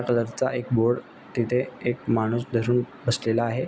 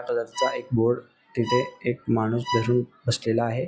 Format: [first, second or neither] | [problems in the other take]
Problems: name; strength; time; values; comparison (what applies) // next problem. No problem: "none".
first | noise reduction (classical method log-MMSE)